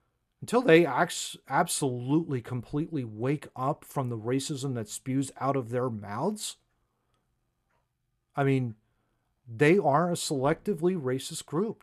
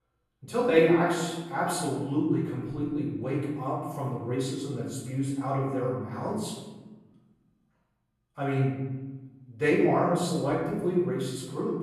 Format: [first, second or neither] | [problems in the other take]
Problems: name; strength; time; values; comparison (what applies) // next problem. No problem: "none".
first | off-mic speech; far // room echo; noticeable; dies away in 1.1 s